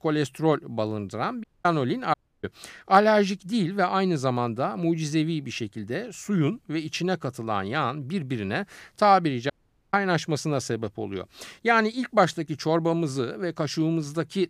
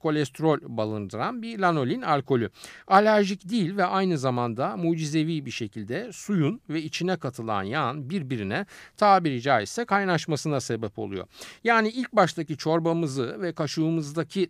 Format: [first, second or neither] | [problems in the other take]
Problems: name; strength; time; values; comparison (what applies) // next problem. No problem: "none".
second | audio cutting out; at 1.5 s, at 2 s and at 9.5 s